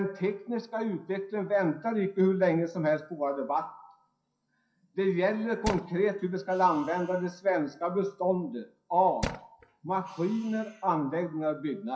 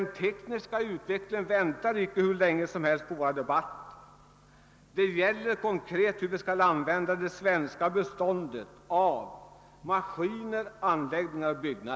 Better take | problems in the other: second | noise reduction (classical method WPE with log-MMSE)

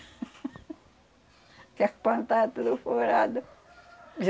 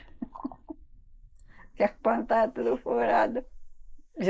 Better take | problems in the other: first | noise reduction (neural mask model Resemble Enhance denoiser)

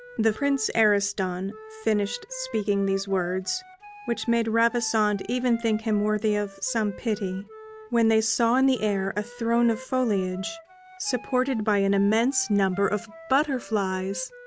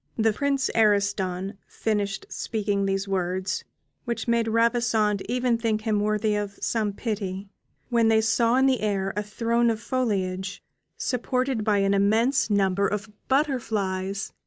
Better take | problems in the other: second | background sound (Wind instrument, woodwind instrument); 20 dB below the speech

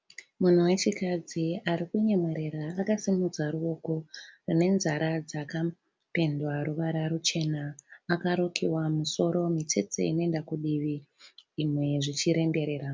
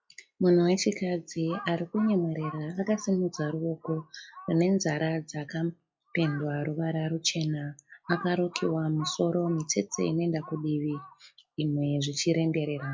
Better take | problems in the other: first | noise reduction (classical method log-MMSE)

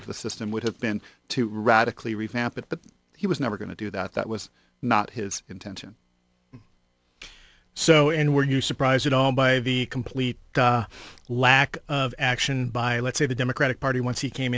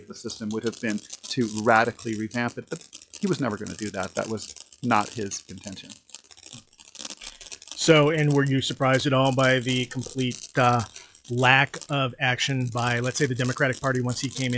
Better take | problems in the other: first | noise reduction (classical method log-MMSE)

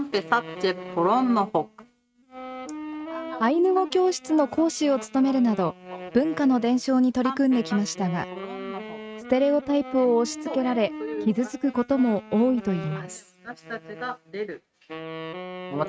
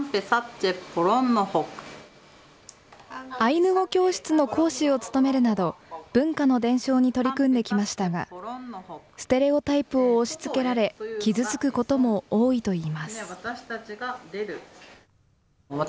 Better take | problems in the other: second | noise reduction (neural mask model RNNoise)

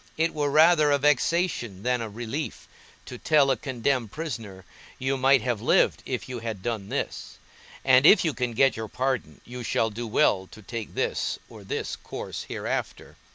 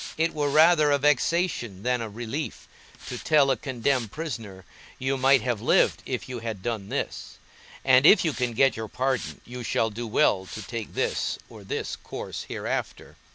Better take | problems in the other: first | background sound (Hiss); 18 dB below the speech

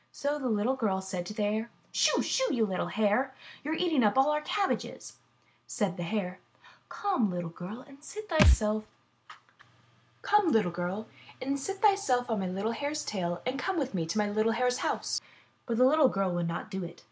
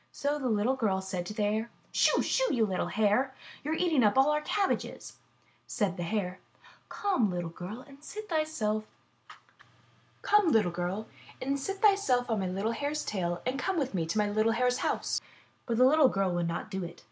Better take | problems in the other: second | background sound (Thump, thud); 2 dB above the speech

